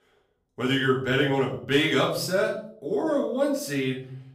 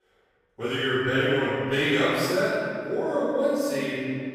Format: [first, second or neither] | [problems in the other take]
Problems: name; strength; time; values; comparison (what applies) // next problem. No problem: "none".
first | room echo; strong; dies away in 2 s; slight in the first // off-mic speech; far; far in the first